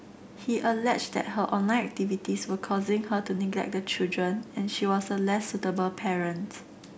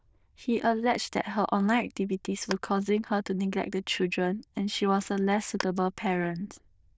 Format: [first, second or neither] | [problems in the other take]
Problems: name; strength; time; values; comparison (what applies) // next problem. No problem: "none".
first | noise reduction (neural diffusion model UNIVERSE++)